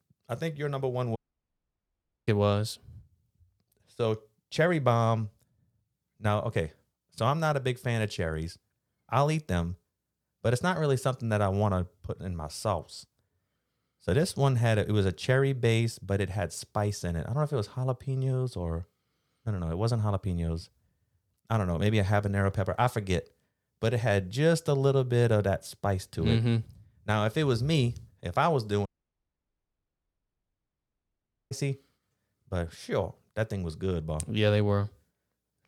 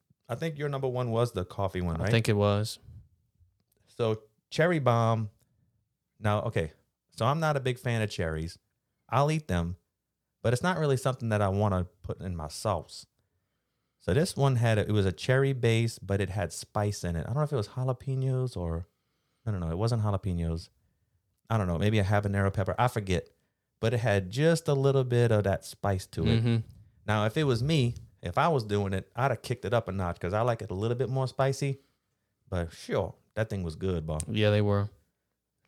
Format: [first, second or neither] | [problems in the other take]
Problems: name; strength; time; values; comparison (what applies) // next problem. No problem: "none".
second | audio cutting out; at 1 s for 1 s and at 29 s for 2.5 s